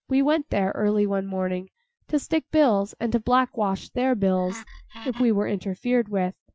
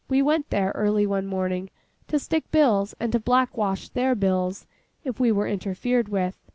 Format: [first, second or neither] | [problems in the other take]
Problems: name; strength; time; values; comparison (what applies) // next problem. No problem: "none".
second | noise reduction (classical method Wiener filter)